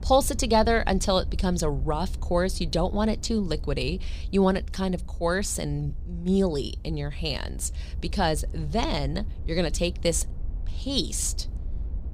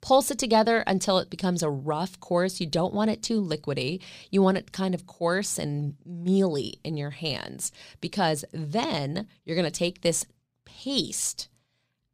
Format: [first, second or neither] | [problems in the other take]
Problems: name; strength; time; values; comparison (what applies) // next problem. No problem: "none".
second | low rumble; faint; throughout; 25 dB below the speech